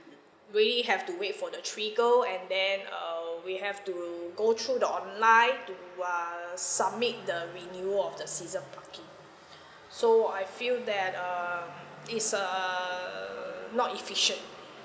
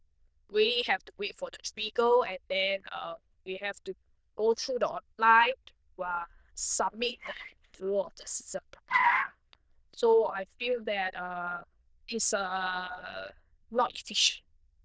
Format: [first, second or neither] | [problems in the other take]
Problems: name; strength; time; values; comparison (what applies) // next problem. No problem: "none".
first | noise reduction (neural diffusion model UNIVERSE++)